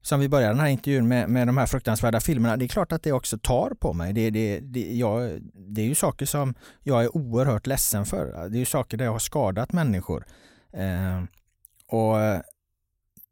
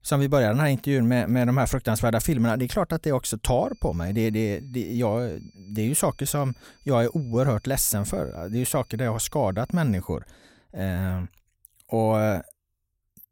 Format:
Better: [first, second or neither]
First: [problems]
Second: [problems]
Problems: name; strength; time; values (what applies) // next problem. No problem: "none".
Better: first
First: none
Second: high-pitched whine; faint; from 3.5 to 10 s; 4.5 kHz, 35 dB below the speech